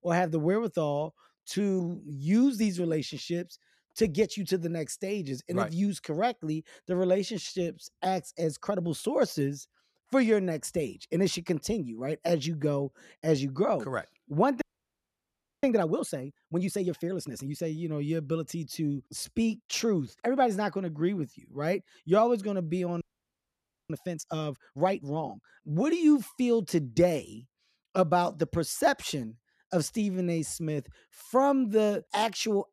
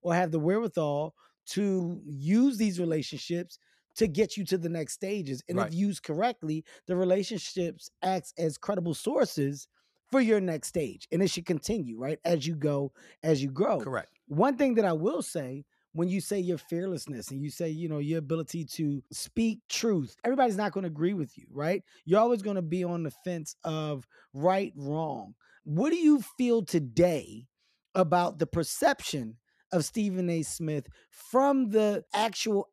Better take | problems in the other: second | audio freezing; at 15 s for 1 s and at 23 s for 1 s

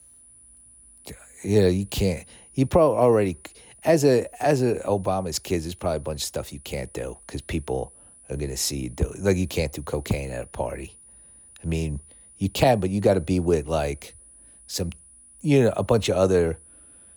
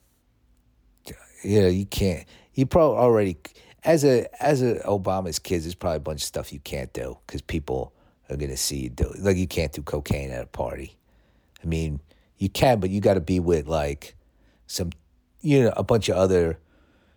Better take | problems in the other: second | high-pitched whine; faint; throughout; 9.5 kHz, 25 dB below the speech

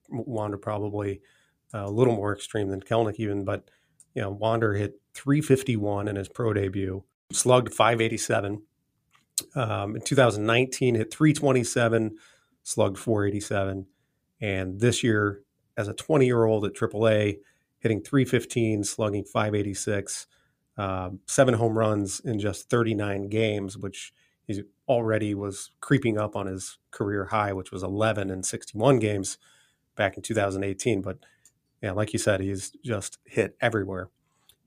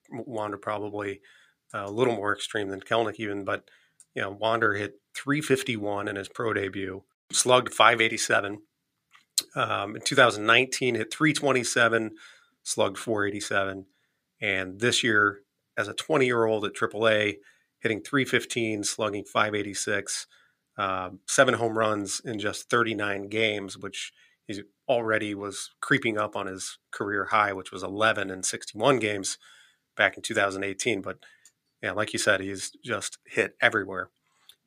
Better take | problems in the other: first | thin; somewhat; fading below 300 Hz

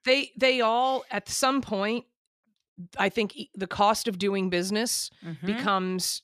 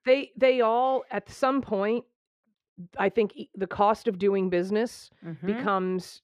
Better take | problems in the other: first | muffled; very; fading above 3.5 kHz

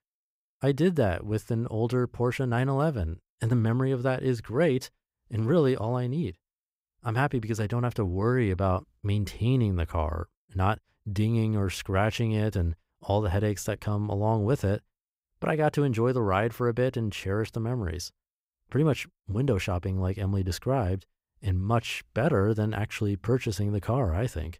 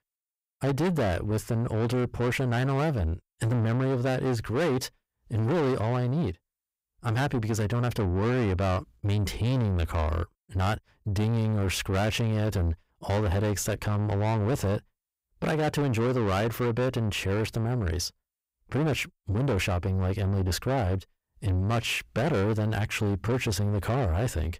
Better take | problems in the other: first | distortion; heavy; 7 dB below the speech

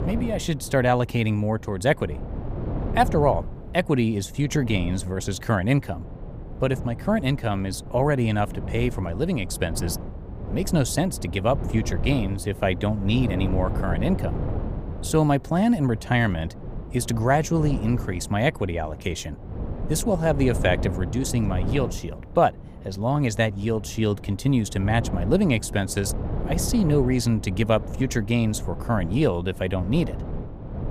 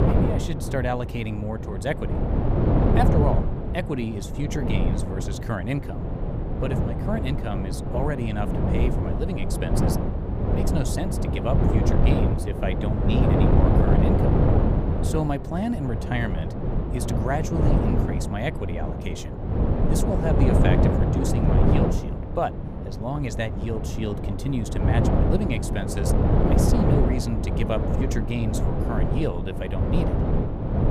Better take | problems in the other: first | wind noise on the microphone; heavy; 1 dB above the speech; occasional gusts in the first

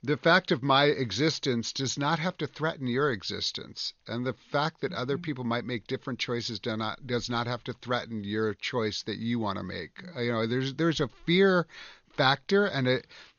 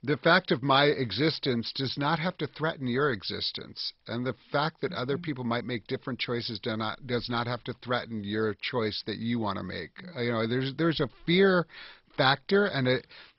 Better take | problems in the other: first | garbled, watery; badly; nothing above 5.5 kHz; slightly in the first

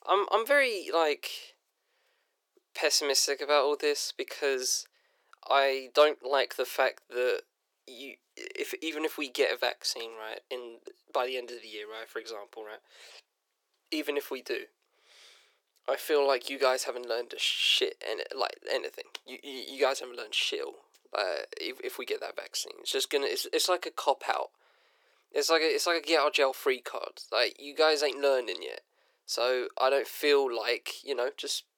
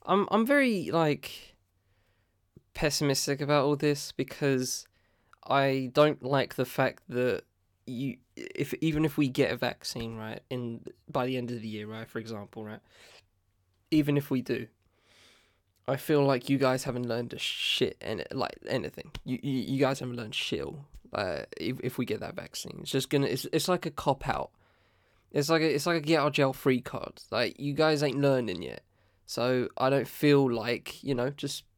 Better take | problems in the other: second | thin; very; fading below 400 Hz

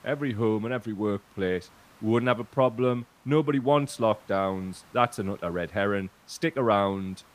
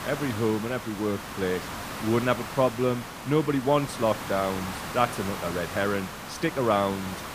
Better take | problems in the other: first | hiss; loud; throughout; 8 dB below the speech; faint in the first

